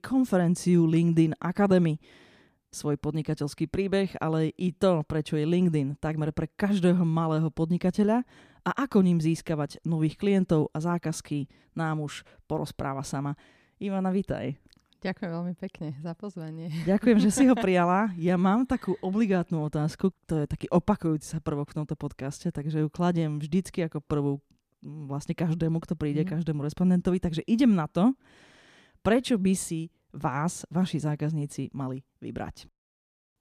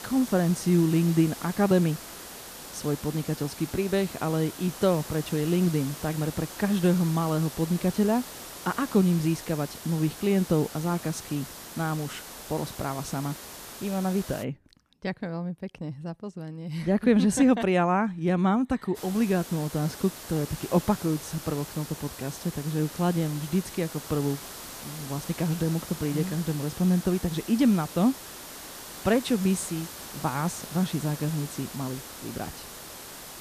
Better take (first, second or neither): first